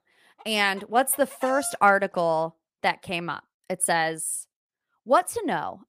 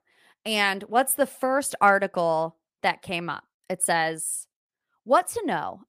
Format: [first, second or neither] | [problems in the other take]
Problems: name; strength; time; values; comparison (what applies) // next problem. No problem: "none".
second | animal sounds; noticeable; until 1.5 s; 20 dB below the speech